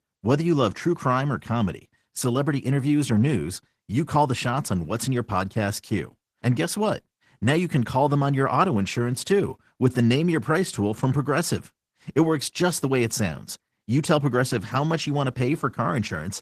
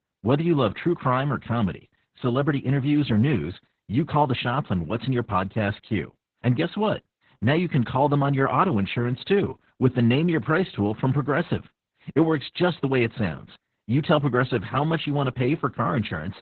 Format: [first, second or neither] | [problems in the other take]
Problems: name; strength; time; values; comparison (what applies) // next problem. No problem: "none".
first | garbled, watery; badly; nothing above 4 kHz; slightly in the first